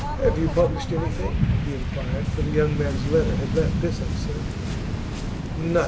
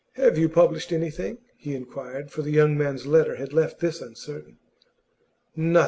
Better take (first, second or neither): second